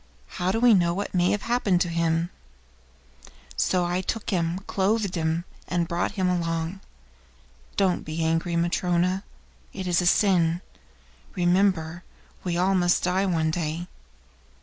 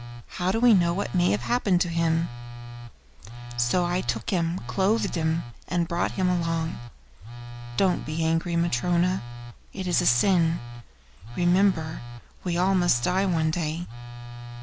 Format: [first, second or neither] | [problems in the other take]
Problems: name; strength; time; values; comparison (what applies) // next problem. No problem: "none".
first | background sound (Telephone); 11 dB below the speech